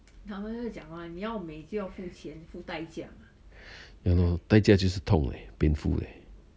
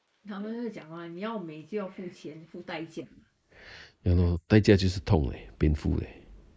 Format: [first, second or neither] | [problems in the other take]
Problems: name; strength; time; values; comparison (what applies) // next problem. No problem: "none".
first | noise reduction (neural mask model Resemble Enhance denoiser)